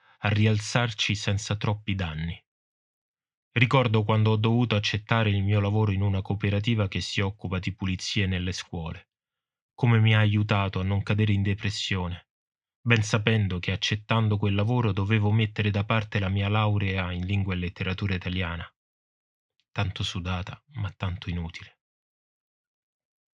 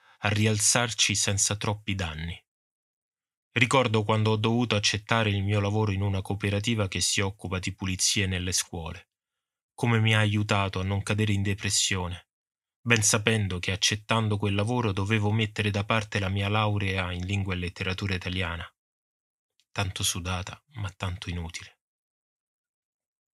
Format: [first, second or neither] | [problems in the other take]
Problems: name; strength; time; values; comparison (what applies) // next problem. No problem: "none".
second | muffled; slightly; fading above 4 kHz